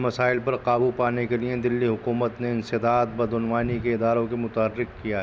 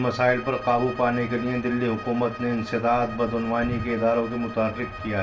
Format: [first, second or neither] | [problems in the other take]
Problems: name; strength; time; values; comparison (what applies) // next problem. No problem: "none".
first | background sound (Bowed string instrument); 14 dB below the speech // room echo; dies away in 0.2 s